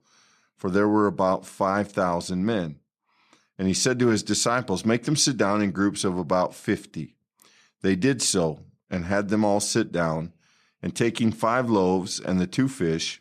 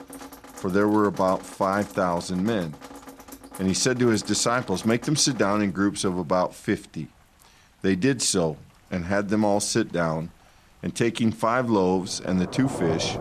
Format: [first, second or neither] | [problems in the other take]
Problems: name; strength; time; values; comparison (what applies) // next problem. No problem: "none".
first | rain or running water; noticeable; throughout; 15 dB below the speech